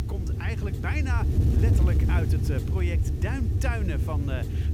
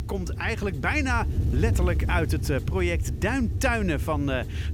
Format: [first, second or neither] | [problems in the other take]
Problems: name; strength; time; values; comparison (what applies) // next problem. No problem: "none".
second | wind noise on the microphone; heavy; 3 dB below the speech; occasional gusts in the second